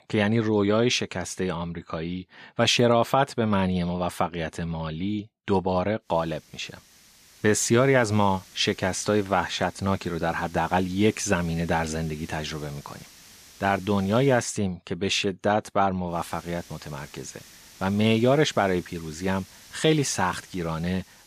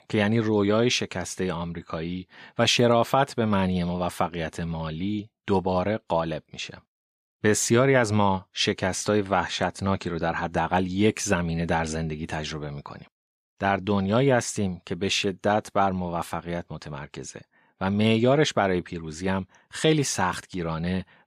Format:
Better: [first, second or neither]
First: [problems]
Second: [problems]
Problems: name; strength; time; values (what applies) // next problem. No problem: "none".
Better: second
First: hiss; faint; from 6 to 14 s and from 16 s on; 25 dB below the speech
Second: none